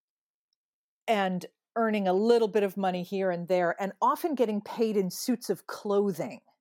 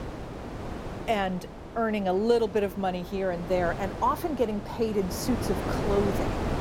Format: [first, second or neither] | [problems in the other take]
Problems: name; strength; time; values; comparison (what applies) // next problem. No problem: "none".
first | wind noise on the microphone; heavy; 8 dB below the speech